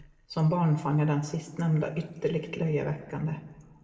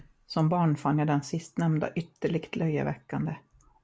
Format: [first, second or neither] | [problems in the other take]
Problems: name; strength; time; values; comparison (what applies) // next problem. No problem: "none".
second | room echo; dies away in 1.9 s